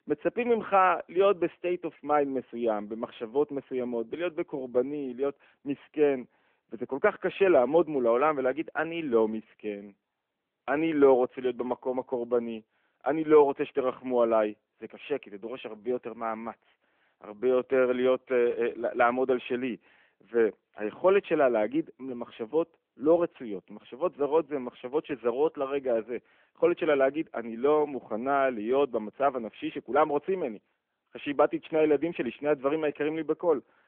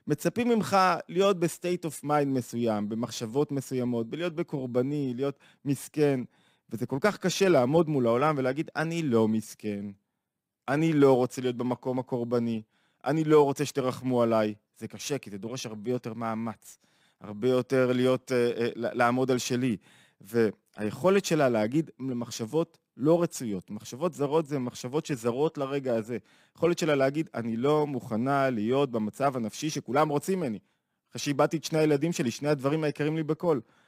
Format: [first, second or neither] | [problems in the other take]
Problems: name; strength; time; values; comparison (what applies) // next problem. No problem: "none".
second | phone-call audio; nothing above 3.5 kHz